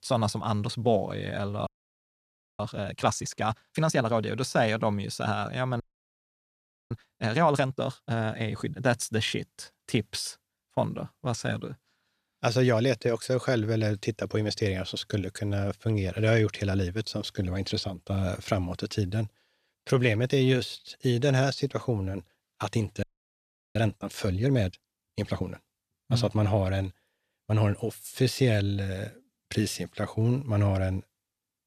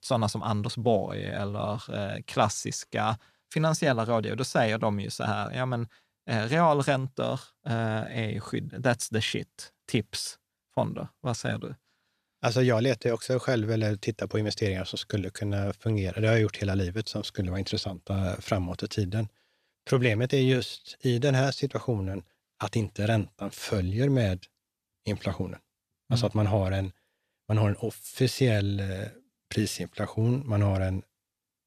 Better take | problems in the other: second | audio freezing; at 1.5 s for 1 s, at 6 s for 1 s and at 23 s for 0.5 s

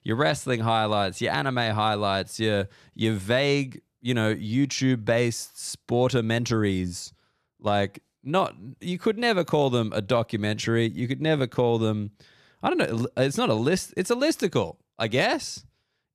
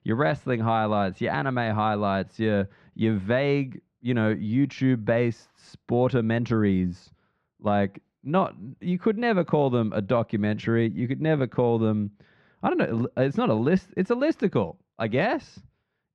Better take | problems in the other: first | muffled; very; fading above 2 kHz

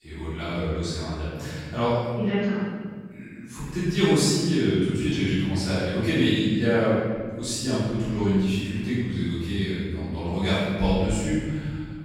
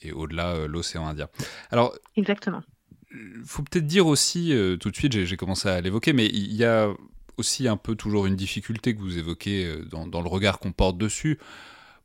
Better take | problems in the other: second | room echo; strong; dies away in 1.7 s // off-mic speech; far

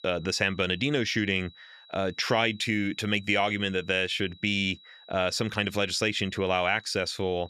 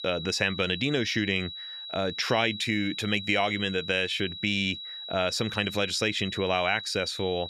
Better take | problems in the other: first | high-pitched whine; loud; throughout; 4 kHz, 9 dB below the speech; faint in the first

